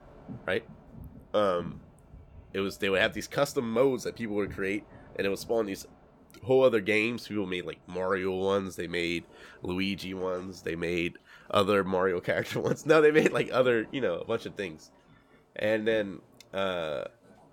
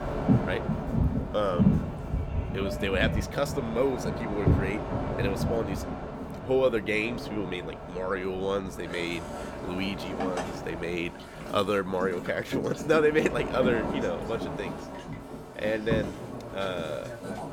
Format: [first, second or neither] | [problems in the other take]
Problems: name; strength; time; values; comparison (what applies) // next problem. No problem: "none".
first | train or aircraft noise; loud; throughout; 2 dB below the speech; faint in the first